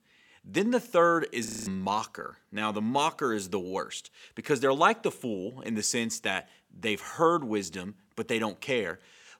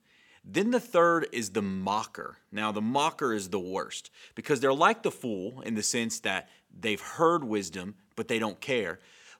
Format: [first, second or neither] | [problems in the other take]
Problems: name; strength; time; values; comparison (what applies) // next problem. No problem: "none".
second | audio freezing; at 1.5 s